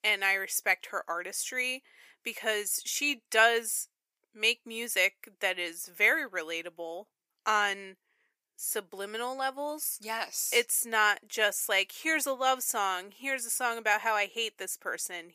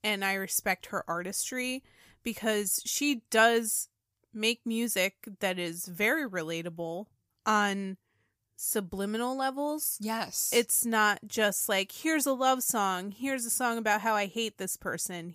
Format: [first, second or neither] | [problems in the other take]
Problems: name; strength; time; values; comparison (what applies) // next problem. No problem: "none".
second | thin; somewhat; fading below 350 Hz